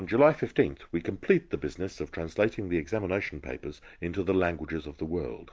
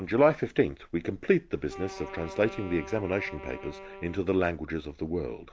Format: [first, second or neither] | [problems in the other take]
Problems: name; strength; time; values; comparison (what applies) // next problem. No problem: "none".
first | background sound (Wind instrument, woodwind instrument); 15 dB below the speech